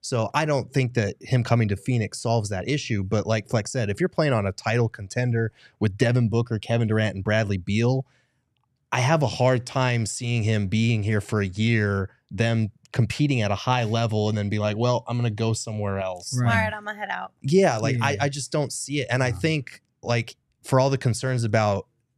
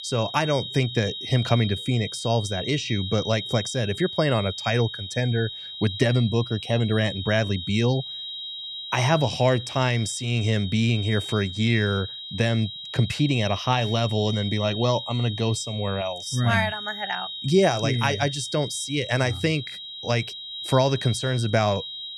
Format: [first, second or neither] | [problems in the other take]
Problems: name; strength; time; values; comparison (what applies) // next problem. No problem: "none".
first | high-pitched whine; loud; throughout; 4 kHz, 8 dB below the speech